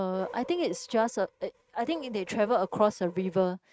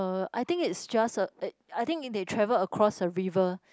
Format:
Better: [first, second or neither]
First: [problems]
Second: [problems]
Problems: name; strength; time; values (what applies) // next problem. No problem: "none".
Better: second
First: noise reduction (neural mask model RNNoise)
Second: none